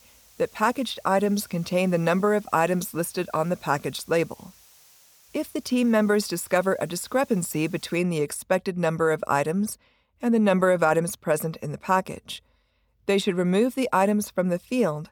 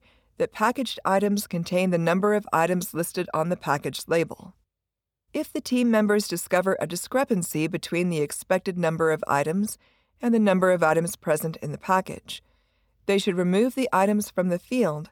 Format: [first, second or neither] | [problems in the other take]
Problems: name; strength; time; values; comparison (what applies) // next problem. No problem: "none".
second | hiss; faint; until 8 s; 25 dB below the speech